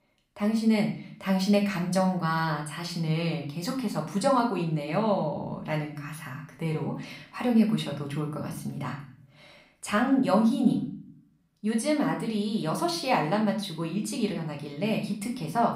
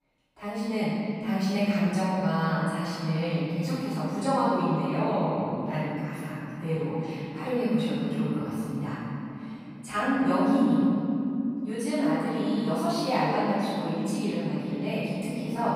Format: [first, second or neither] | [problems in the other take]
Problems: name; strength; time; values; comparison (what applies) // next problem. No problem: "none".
first | room echo; strong; dies away in 3 s; slight in the first // off-mic speech; far; somewhat distant in the first